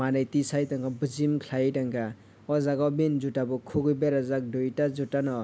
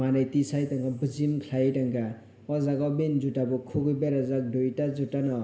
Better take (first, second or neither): first